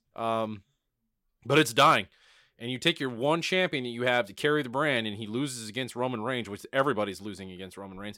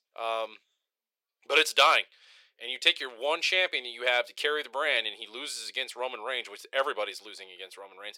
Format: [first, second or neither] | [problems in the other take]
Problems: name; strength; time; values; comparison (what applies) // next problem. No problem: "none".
first | thin; very; fading below 500 Hz